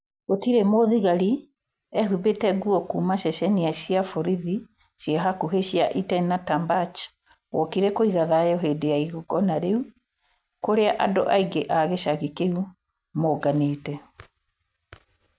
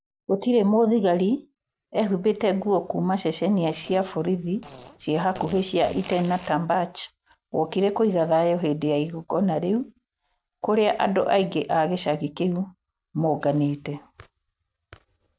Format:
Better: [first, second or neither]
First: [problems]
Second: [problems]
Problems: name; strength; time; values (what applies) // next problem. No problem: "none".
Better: first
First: none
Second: noise reduction (neural separator model SepFormer DNS4)